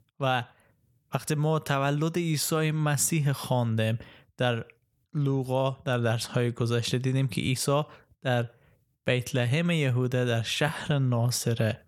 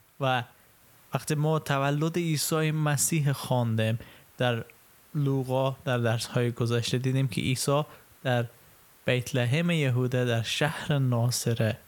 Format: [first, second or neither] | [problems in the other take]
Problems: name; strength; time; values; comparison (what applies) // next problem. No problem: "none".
first | hiss; faint; throughout; 30 dB below the speech